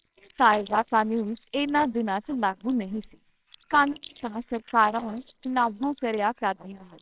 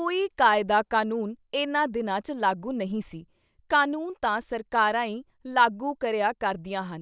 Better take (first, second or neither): second